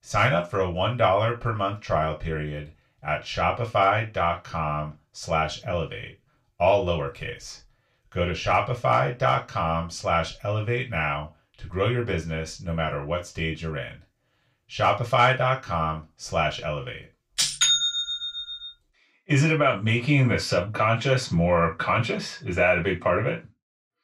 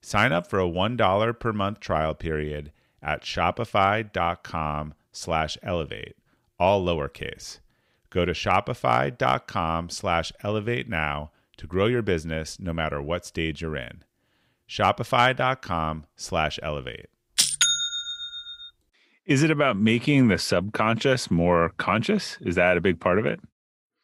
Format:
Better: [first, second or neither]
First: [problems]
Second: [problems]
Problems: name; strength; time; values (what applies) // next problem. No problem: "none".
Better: second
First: room echo; very slight; dies away in 0.2 s // off-mic speech; far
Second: none